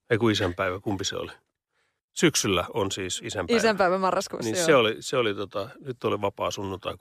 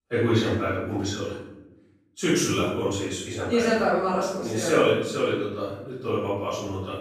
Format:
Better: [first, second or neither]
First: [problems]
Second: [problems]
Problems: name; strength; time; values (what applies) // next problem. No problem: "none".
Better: first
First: none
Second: off-mic speech; far // room echo; strong; dies away in 0.8 s